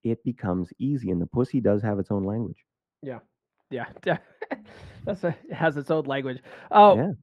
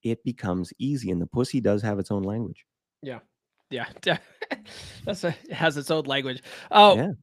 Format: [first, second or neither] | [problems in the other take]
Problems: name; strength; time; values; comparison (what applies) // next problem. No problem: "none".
second | muffled; very; fading above 2.5 kHz